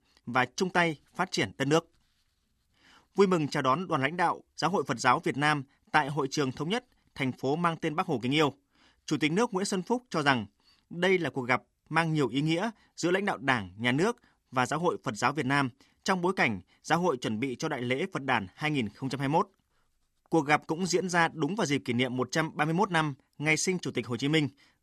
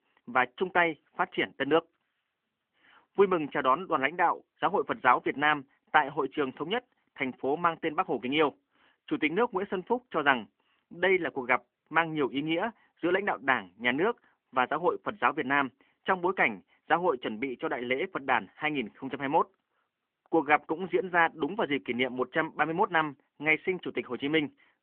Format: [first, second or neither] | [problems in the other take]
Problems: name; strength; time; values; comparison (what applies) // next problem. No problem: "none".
first | phone-call audio; nothing above 3 kHz